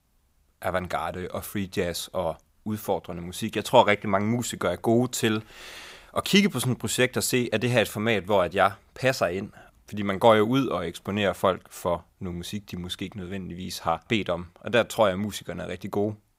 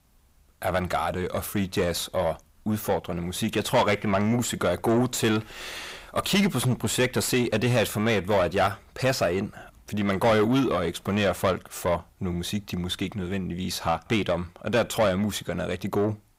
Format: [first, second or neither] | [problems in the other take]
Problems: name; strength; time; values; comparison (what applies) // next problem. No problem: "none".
first | distortion; heavy; 7 dB below the speech